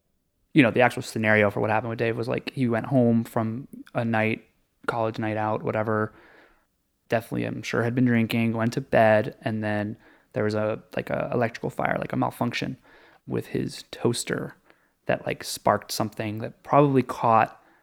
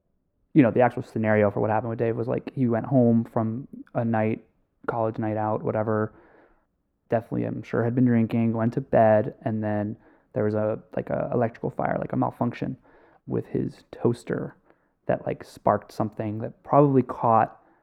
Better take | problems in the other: first | muffled; very; fading above 2 kHz

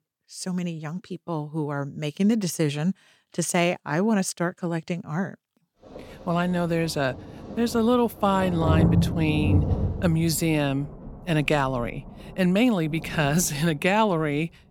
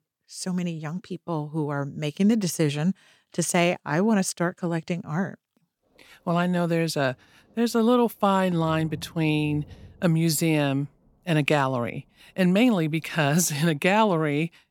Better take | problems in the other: second | rain or running water; loud; from 6 s on; 4 dB below the speech; faint in the second

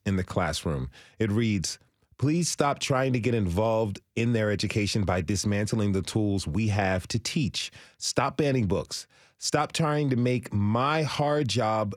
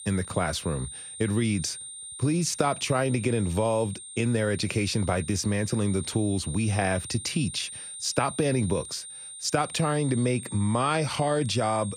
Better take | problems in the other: first | high-pitched whine; noticeable; throughout; 9 kHz, 10 dB below the speech

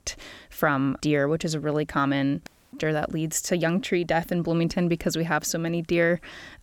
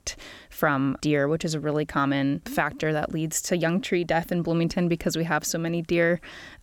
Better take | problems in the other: second | audio cutting out; at 2.5 s

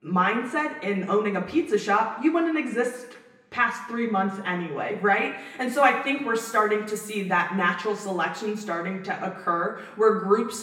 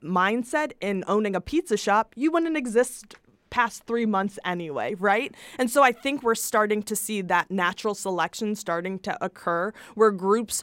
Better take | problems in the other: second | room echo; slight; dies away in 0.9 s // off-mic speech; far

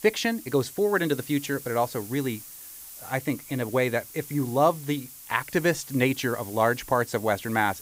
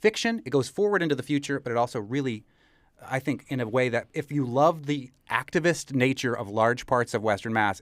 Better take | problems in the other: second | hiss; noticeable; throughout; 15 dB below the speech

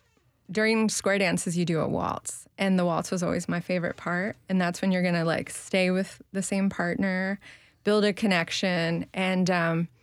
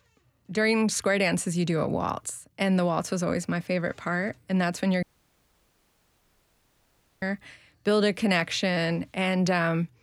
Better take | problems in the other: first | audio cutting out; at 5 s for 2 s

